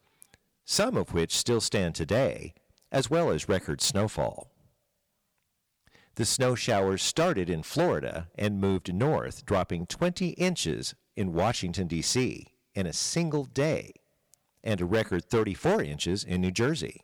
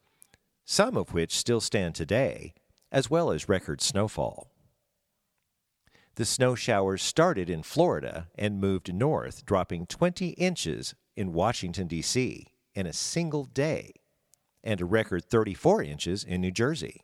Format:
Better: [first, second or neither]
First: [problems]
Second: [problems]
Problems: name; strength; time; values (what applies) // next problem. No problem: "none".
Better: second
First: distortion; slight; 5% of the sound clipped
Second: none